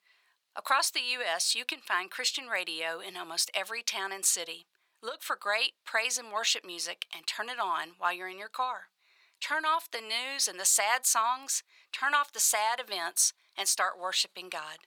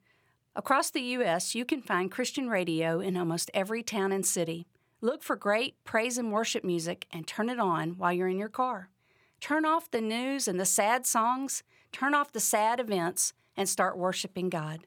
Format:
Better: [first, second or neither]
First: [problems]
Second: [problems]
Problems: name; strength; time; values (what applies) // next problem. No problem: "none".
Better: second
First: thin; very; fading below 1 kHz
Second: none